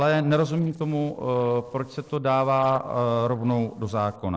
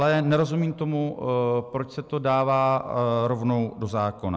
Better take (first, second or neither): second